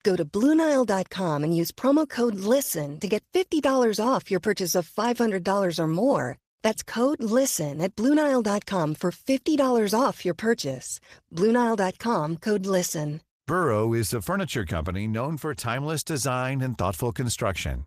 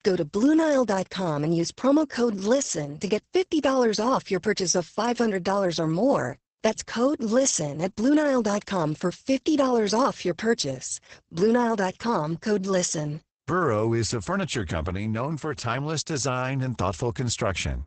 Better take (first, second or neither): first